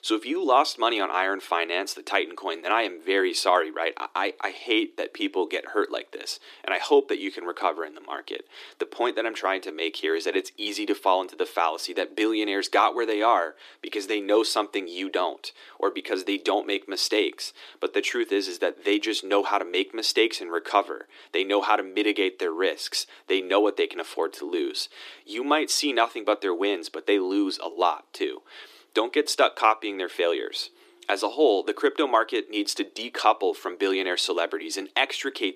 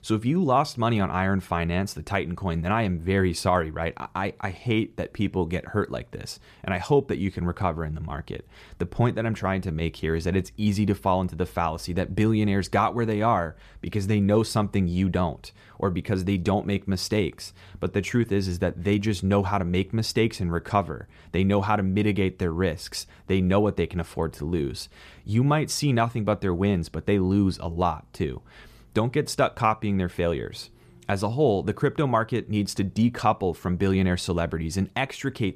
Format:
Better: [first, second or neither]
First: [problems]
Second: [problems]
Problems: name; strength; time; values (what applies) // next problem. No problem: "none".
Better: second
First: thin; very; fading below 300 Hz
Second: none